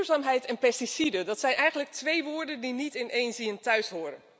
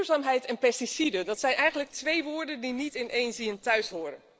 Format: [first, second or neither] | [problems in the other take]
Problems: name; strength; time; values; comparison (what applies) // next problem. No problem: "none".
first | noise reduction (neural separator model SepFormer DNS4)